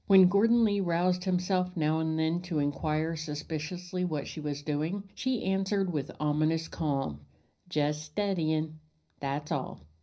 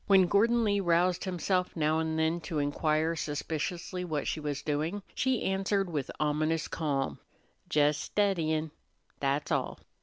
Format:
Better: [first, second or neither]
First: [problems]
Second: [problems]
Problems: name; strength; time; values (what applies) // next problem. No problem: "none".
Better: second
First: room echo; dies away in 0.5 s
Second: none